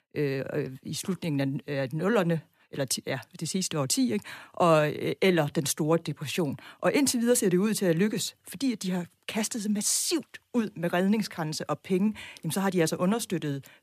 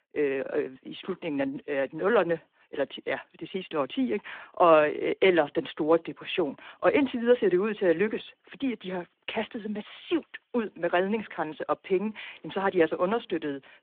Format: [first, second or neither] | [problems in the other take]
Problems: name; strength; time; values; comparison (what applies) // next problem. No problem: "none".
first | phone-call audio